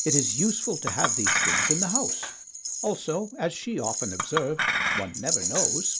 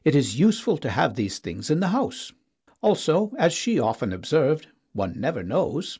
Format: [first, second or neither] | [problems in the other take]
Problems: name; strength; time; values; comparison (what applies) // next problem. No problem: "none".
second | background sound (Rattle + Chink, clink); 3 dB above the speech